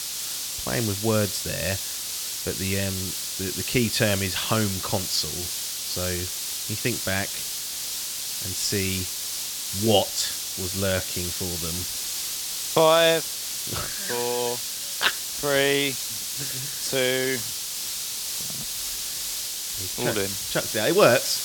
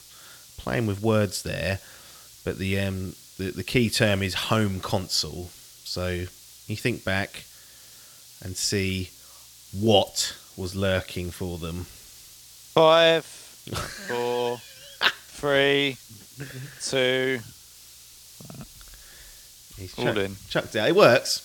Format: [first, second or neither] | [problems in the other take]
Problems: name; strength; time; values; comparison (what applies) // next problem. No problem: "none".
second | hiss; loud; throughout; 2 dB below the speech; faint in the second